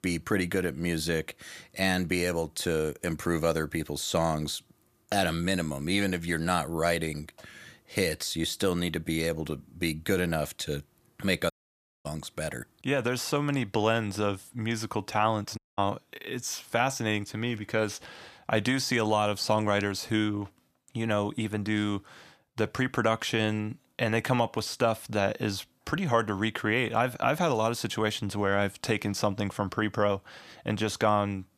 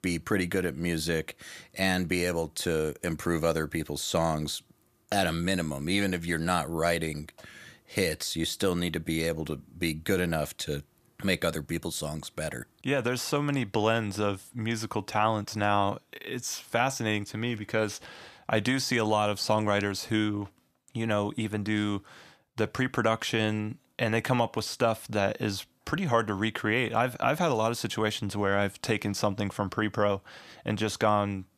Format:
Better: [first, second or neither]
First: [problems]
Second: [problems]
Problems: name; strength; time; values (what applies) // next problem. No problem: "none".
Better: second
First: audio cutting out; at 12 s for 0.5 s and at 16 s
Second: none